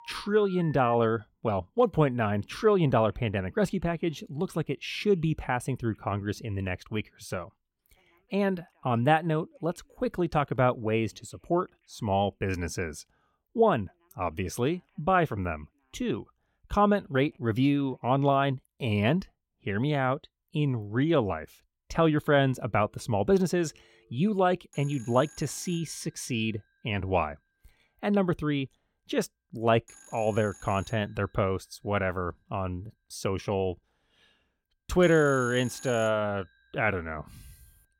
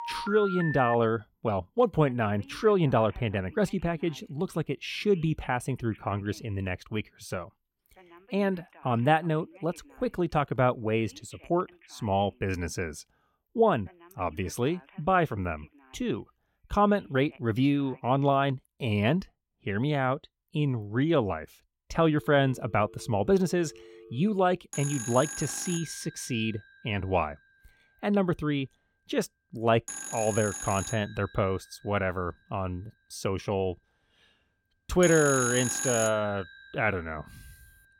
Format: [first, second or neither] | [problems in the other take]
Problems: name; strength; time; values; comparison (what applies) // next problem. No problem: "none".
first | alarms or sirens; loud; throughout; 7 dB below the speech; faint in the first